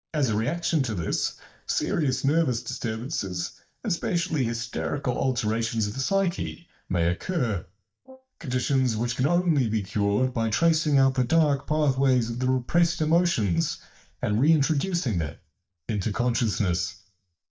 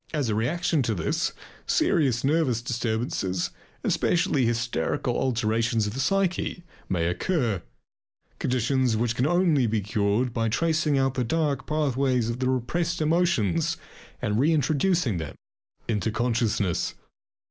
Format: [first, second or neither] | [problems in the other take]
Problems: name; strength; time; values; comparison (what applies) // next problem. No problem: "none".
second | noise reduction (neural mask model DeepFilterNet 3)